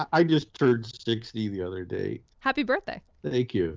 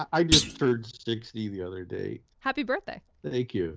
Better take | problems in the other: first | background sound (Thump, thud); 1 dB above the speech

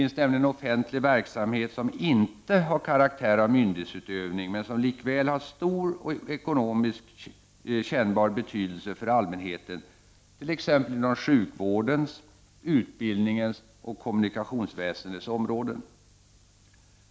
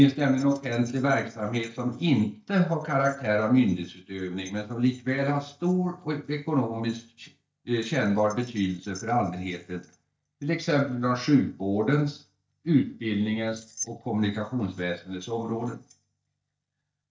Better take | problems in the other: first | noise reduction (neural mask model DeepFilterNet 3)

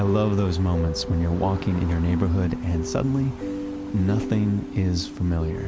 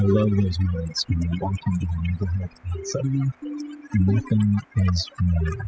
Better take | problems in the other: first | noise reduction (classical method spectral subtraction)

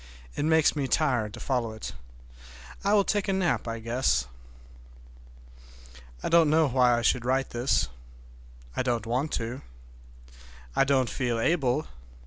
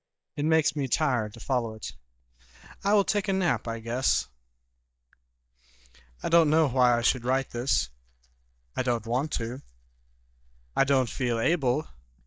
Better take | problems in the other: first | noise reduction (neural mask model DeepFilterNet 3)

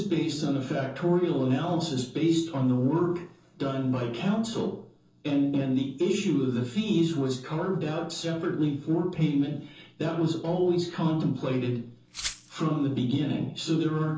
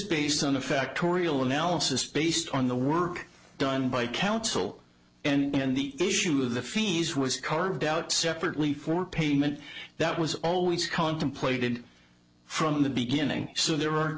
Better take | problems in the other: second | noise reduction (neural separator model SepFormer DNS4)

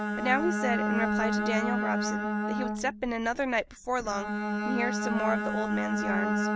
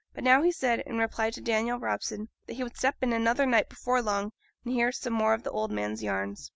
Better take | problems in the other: second | background sound (Bowed string instrument); 2 dB above the speech

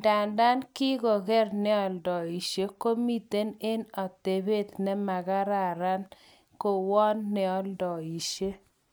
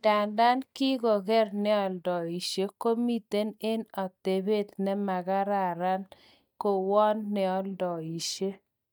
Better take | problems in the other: first | noise reduction (neural mask model DeepFilterNet 3)

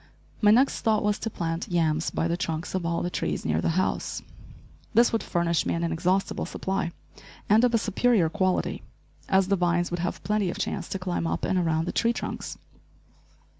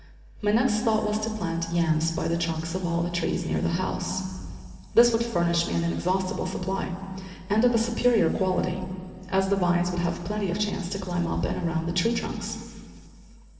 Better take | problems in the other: first | room echo; dies away in 2.5 s

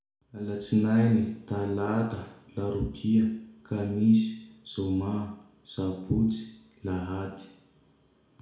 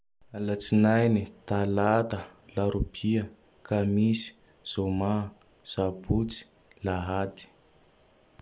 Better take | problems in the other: second | room echo; dies away in 0.6 s

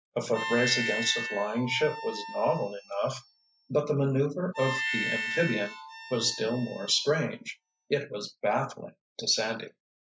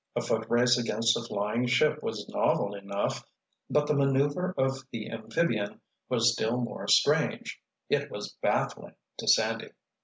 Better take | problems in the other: second | noise reduction (classical method Wiener filter)

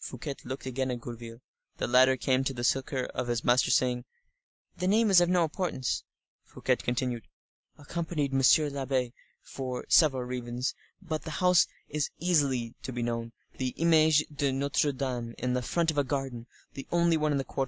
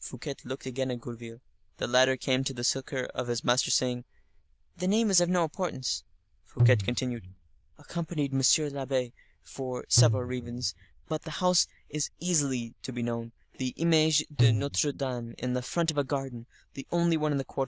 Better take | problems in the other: first | noise reduction (neural diffusion model UNIVERSE++)

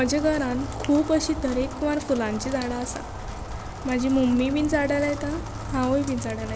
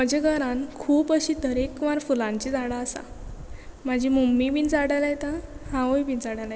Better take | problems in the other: second | background sound (Rain); 10 dB below the speech

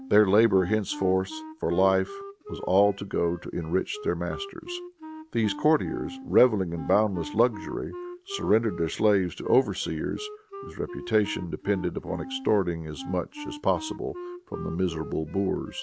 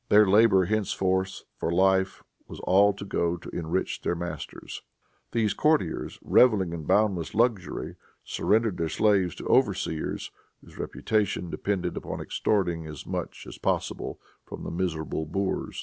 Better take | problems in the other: second | background sound (Wind instrument, woodwind instrument); 14 dB below the speech

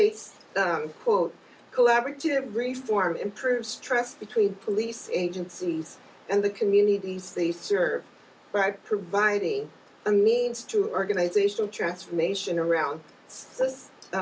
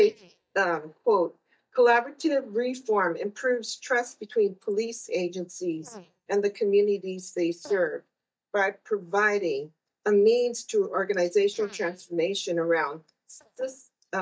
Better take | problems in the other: first | noise reduction (neural mask model DeepFilterNet 3)

